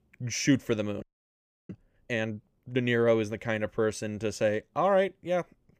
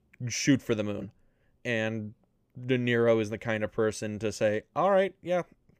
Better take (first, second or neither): second